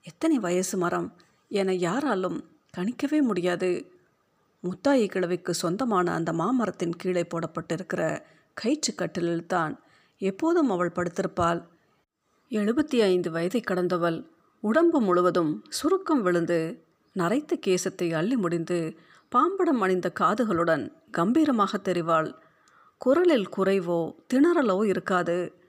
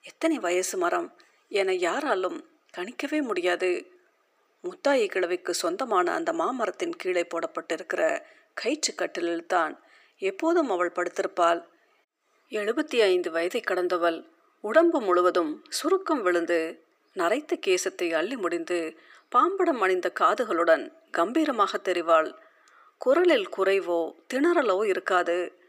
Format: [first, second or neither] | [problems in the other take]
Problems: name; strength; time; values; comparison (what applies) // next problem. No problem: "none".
first | thin; somewhat; fading below 350 Hz